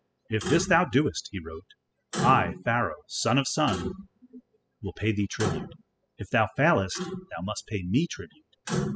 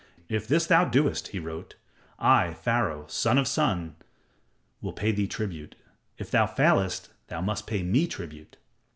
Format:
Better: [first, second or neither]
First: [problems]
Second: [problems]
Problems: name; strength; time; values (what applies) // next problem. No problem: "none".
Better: second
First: noise reduction (classical method spectral subtraction)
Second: none